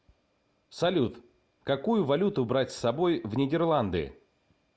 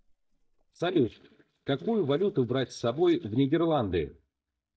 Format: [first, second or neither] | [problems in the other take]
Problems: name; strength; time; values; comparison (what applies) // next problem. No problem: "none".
first | noise reduction (neural mask model DeepFilterNet 3)